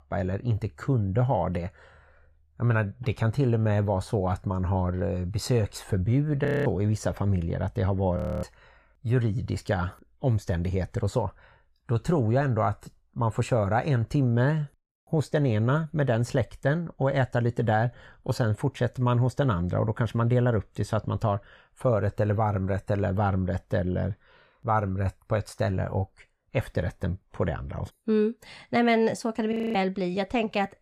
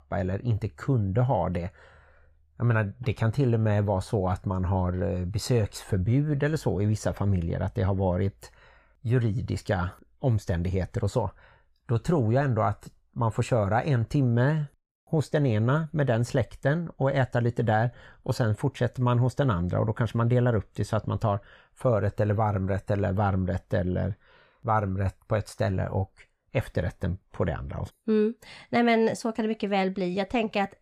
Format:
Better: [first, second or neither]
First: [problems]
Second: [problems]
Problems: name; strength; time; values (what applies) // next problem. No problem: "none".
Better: second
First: audio freezing; at 6.5 s, at 8 s and at 30 s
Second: none